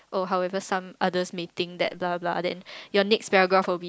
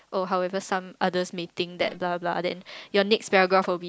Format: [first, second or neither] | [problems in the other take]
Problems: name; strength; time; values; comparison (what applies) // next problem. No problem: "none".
first | background sound (Guitar); 17 dB below the speech